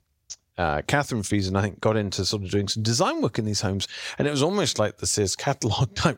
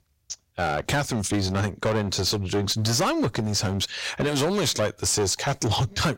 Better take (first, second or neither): first